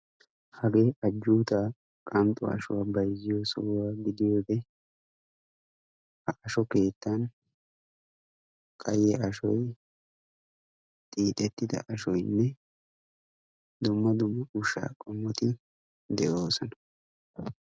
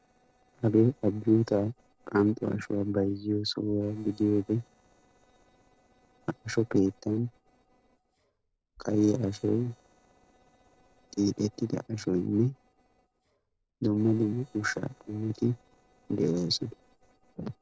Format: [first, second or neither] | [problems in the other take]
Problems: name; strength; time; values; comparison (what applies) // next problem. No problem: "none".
first | noise reduction (neural separator model SepFormer DNS4)